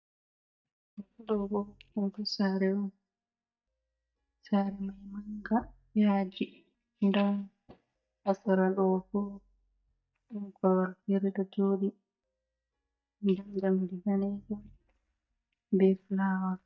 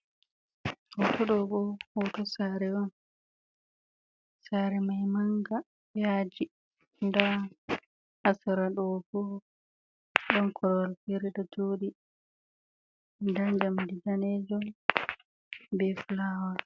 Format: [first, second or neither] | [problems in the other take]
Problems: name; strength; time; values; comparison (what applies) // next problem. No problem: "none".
second | noise reduction (neural mask model DeepFilterNet 3)